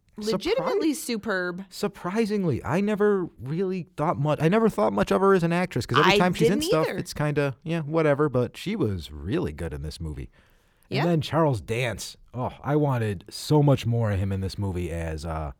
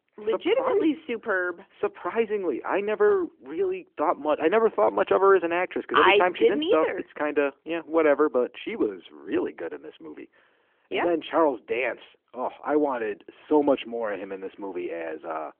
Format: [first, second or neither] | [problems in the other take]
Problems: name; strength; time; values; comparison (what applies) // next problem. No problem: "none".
first | phone-call audio; nothing above 3 kHz